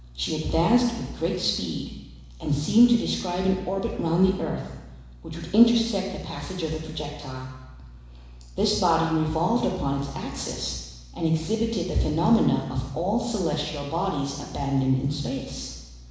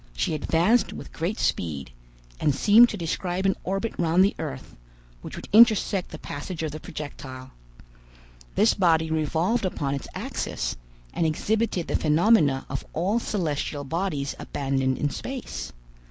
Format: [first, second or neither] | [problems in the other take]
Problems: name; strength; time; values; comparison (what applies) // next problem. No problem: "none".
second | room echo; dies away in 1 s